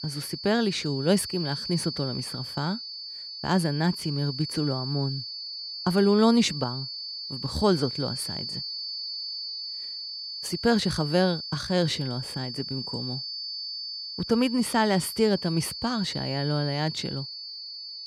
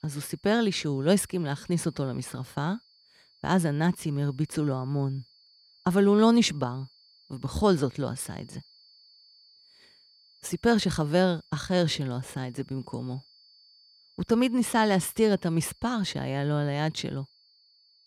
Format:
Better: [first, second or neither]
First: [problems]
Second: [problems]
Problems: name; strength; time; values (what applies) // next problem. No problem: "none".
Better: second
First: high-pitched whine; loud; throughout; 4.5 kHz, 7 dB below the speech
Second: high-pitched whine; faint; throughout; 4.5 kHz, 30 dB below the speech